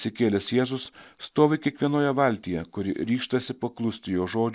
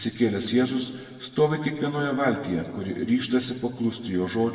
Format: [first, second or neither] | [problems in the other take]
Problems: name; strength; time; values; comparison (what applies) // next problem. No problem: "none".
first | room echo; dies away in 1.5 s